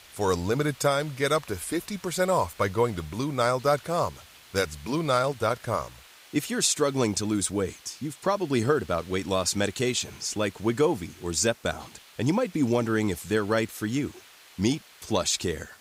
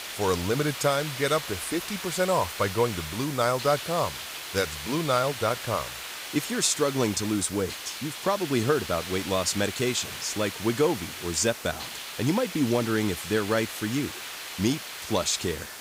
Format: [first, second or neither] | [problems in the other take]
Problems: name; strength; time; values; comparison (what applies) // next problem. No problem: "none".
first | hiss; loud; throughout; 8 dB below the speech; faint in the first